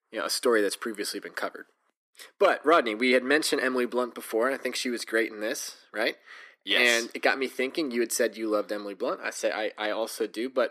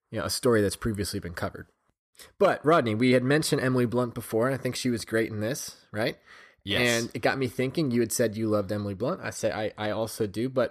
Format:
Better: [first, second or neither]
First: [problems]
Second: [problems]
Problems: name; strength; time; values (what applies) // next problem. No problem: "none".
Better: second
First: thin; somewhat; fading below 250 Hz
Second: none